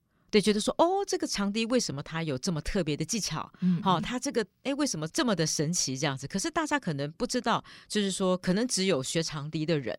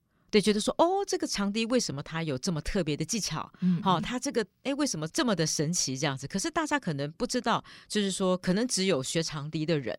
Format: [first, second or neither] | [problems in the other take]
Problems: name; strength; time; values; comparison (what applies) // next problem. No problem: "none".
neither | none